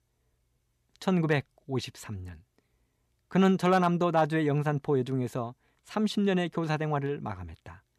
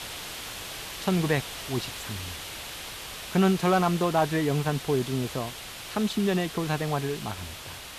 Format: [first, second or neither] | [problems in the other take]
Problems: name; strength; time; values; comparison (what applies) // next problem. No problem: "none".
first | hiss; loud; throughout; 10 dB below the speech